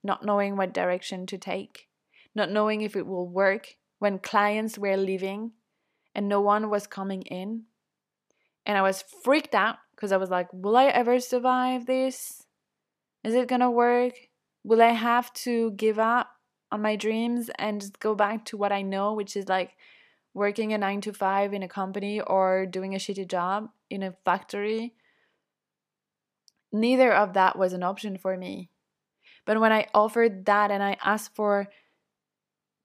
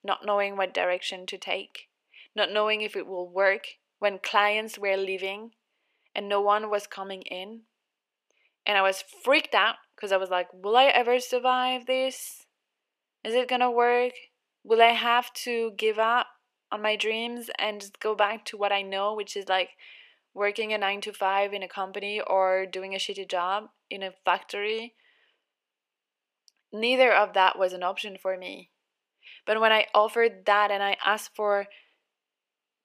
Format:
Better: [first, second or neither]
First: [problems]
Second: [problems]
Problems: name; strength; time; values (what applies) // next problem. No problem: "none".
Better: first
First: none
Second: thin; somewhat; fading below 450 Hz